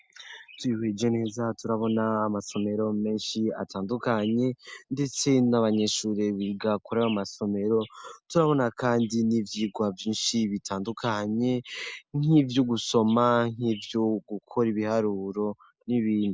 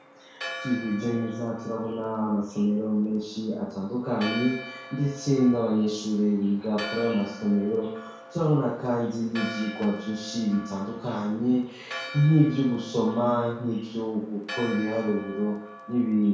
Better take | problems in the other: first | background sound (Church bell); 15 dB below the speech // room echo; dies away in 0.6 s

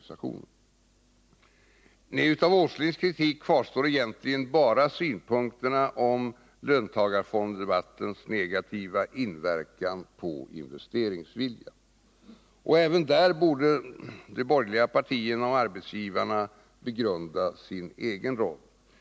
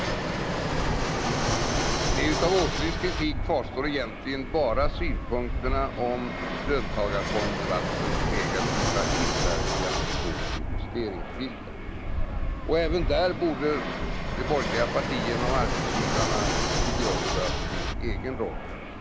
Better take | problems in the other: first | background sound (Fixed-wing aircraft, airplane); 3 dB above the speech

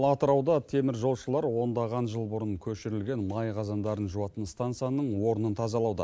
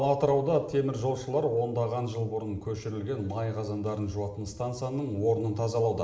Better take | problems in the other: first | room echo; dies away in 1.2 s

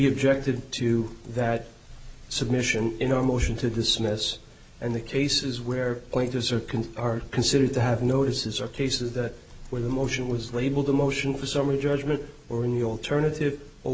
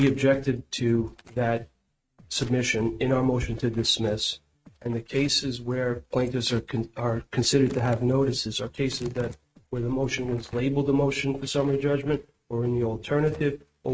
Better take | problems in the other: first | noise reduction (neural mask model RNNoise)

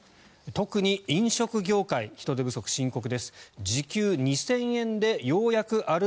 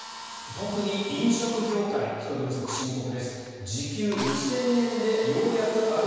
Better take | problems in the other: first | background sound (Drill); 13 dB below the speech // room echo; dies away in 1.9 s

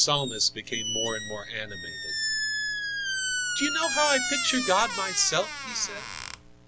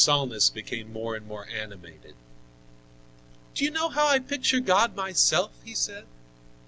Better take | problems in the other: second | background sound (Squeak); 2 dB below the speech

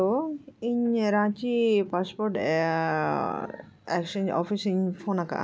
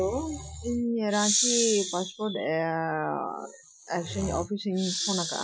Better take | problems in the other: first | noise reduction (classical method Wiener filter)

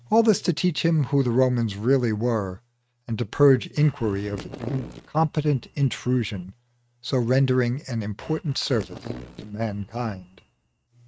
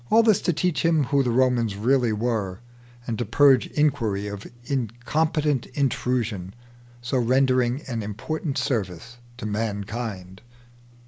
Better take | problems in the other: second | noise reduction (neural mask model RNNoise)

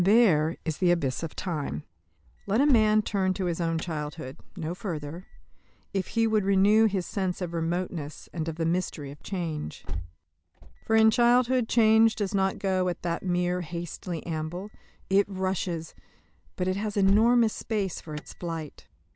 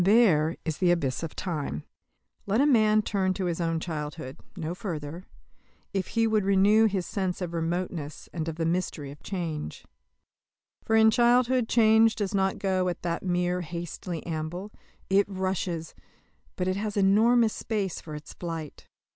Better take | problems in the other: second | background sound (Alarm); 13 dB below the speech

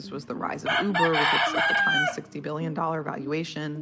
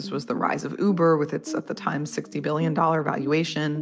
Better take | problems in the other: second | background sound (Chicken, rooster); 3 dB above the speech

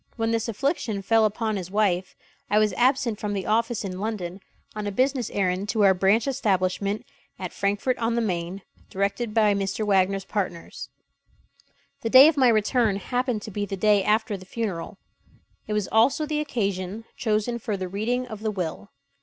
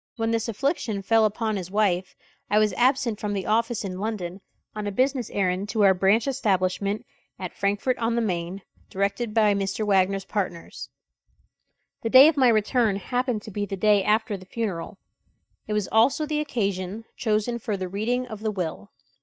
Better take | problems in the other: first | noise reduction (neural mask model DeepFilterNet 3)

